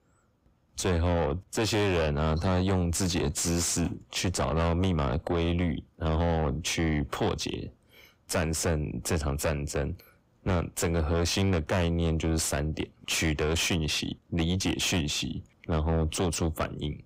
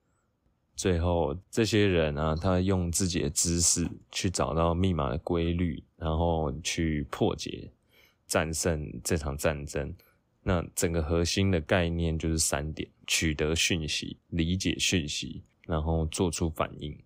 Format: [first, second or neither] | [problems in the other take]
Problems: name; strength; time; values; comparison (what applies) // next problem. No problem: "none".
second | distortion; heavy; 8 dB below the speech